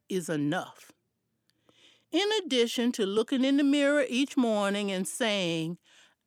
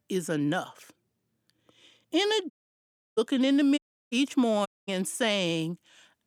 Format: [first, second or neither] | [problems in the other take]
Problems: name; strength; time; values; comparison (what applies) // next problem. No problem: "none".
first | audio cutting out; at 2.5 s for 0.5 s, at 4 s and at 4.5 s